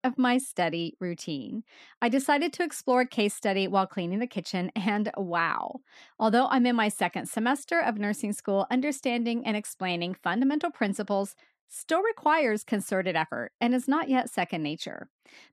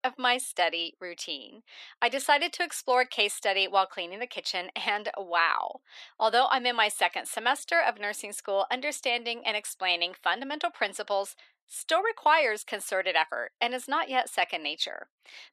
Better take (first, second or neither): first